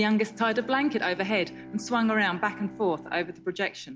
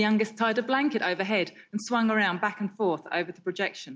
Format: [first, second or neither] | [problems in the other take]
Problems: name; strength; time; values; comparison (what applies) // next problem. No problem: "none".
second | background sound (Bowed string instrument); 18 dB below the speech